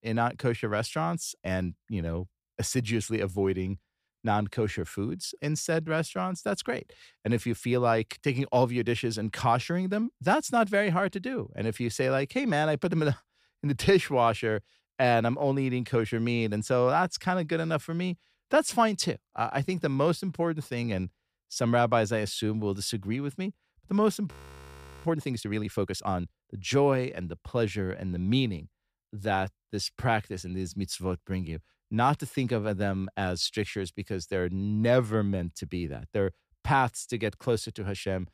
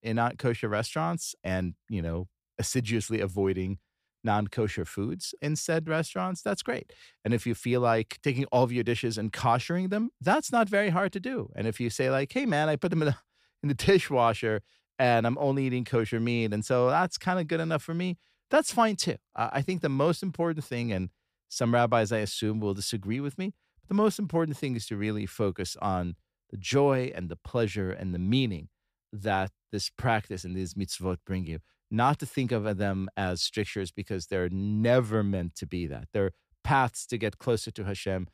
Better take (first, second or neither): second